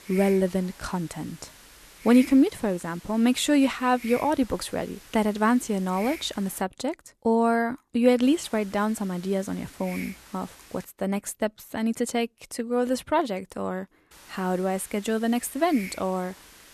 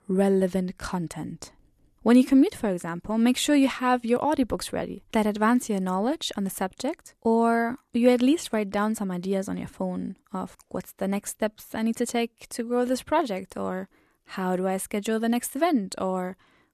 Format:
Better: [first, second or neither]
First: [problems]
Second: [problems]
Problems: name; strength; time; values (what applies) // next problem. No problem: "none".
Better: second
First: hiss; noticeable; until 6.5 s, from 8 to 11 s and from 14 s on; 20 dB below the speech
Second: none